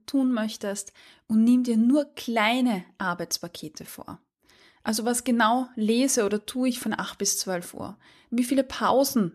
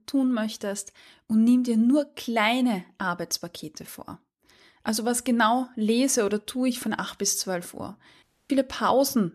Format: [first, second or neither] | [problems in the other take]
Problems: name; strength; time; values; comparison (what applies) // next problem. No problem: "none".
first | audio cutting out; at 8 s